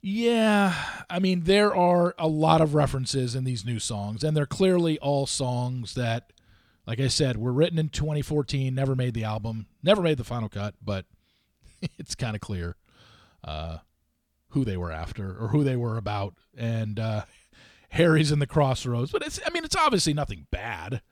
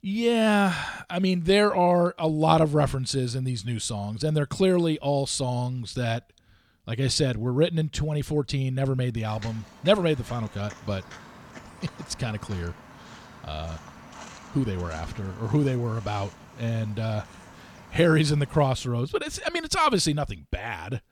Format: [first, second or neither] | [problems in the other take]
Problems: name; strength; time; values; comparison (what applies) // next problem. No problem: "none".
first | footsteps; faint; from 9.5 to 19 s; peak 15 dB below the speech